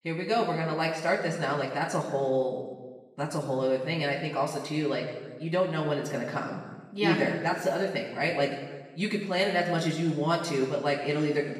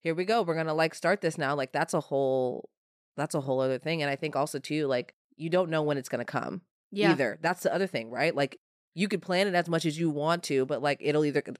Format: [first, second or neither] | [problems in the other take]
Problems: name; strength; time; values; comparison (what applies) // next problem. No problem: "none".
second | room echo; noticeable; dies away in 1.2 s // off-mic speech; far